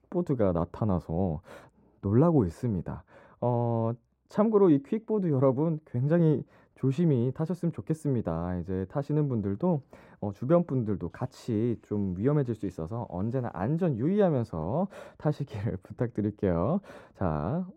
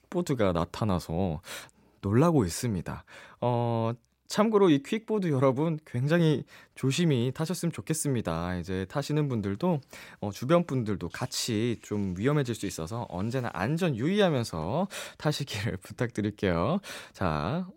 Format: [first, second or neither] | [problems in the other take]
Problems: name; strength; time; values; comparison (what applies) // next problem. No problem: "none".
second | muffled; very; fading above 1.5 kHz